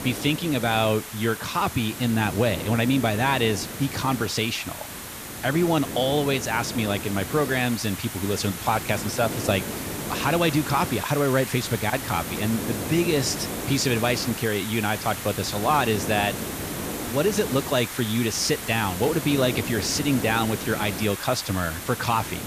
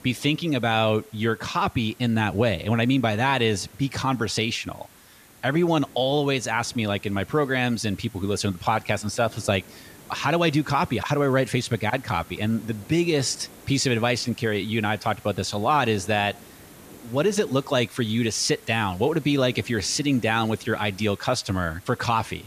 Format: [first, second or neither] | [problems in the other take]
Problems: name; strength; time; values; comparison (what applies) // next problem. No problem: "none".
second | hiss; loud; throughout; 7 dB below the speech; faint in the second